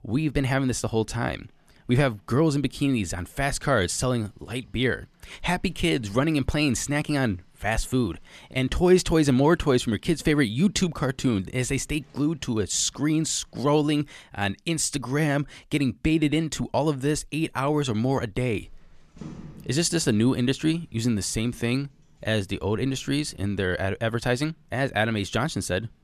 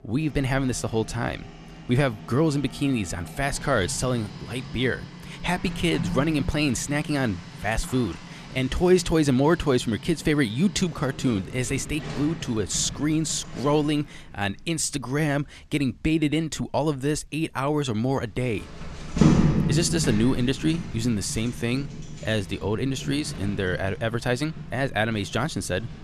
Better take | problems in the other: first | household noises; loud; throughout; 7 dB below the speech; faint in the first

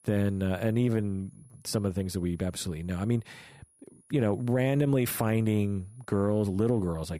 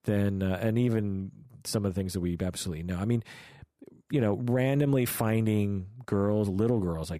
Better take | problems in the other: second | high-pitched whine; faint; throughout; 10.5 kHz, 30 dB below the speech

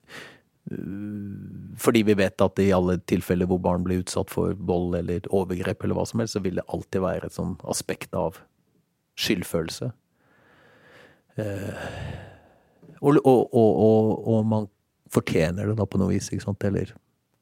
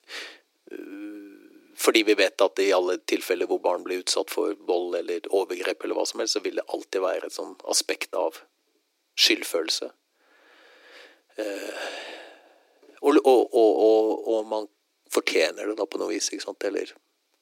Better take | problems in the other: first | thin; very; fading below 300 Hz

